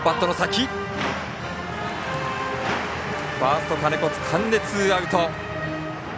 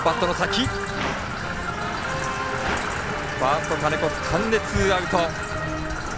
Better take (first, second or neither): first